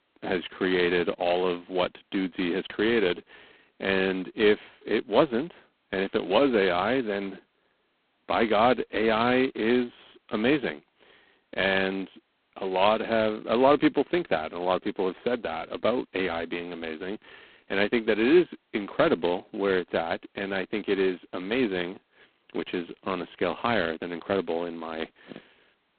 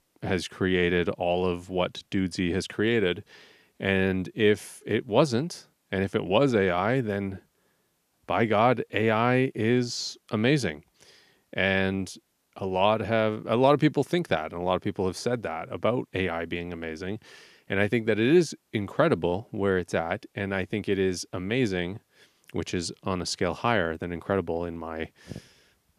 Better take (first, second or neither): second